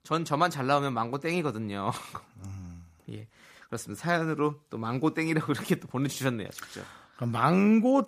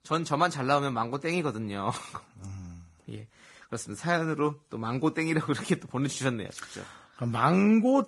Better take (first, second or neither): first